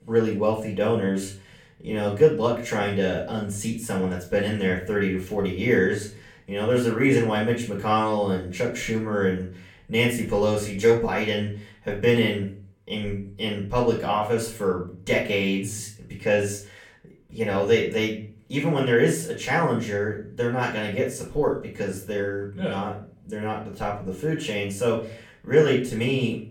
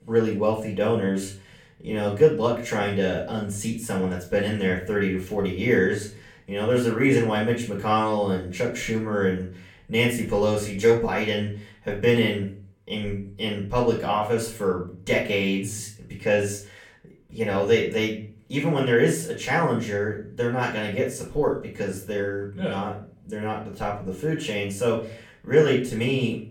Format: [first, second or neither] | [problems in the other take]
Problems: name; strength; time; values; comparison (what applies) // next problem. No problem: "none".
neither | off-mic speech; far; the same in both // room echo; slight; dies away in 0.3 s; the same in both